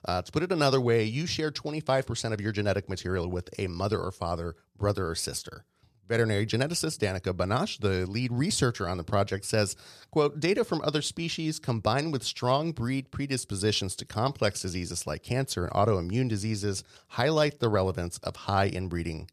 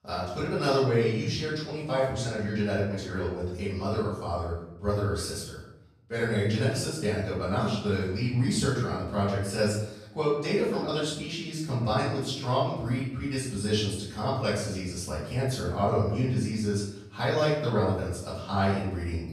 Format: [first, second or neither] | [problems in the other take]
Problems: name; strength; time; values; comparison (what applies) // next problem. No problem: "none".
first | off-mic speech; far // room echo; noticeable; dies away in 0.7 s